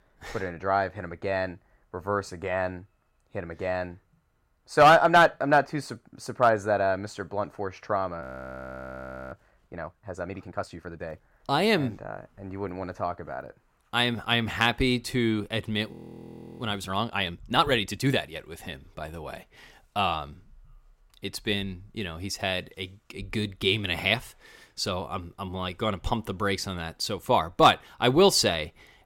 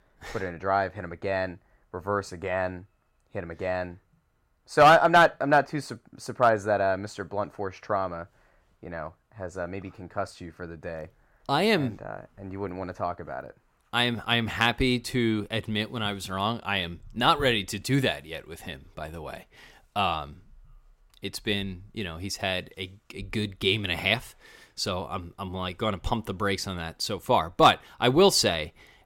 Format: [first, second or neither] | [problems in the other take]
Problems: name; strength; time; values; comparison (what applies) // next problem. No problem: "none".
second | audio freezing; at 8 s for 1 s and at 16 s for 0.5 s